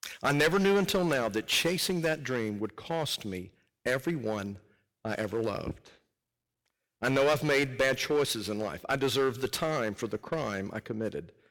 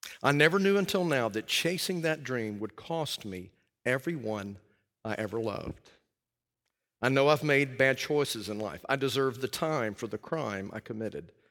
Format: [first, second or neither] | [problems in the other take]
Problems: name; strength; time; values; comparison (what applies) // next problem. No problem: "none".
second | distortion; heavy; 5% of the sound clipped